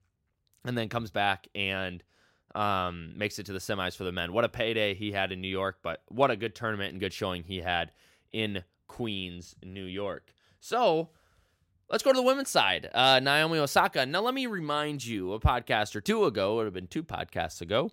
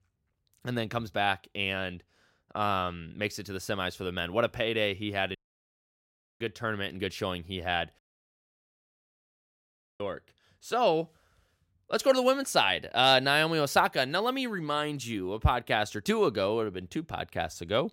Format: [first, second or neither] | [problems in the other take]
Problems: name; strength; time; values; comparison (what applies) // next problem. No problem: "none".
first | audio cutting out; at 5.5 s for 1 s and at 8 s for 2 s